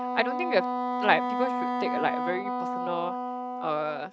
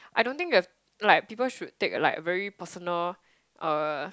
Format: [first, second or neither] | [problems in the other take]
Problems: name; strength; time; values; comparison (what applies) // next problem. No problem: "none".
second | noise reduction (neural mask model RNNoise)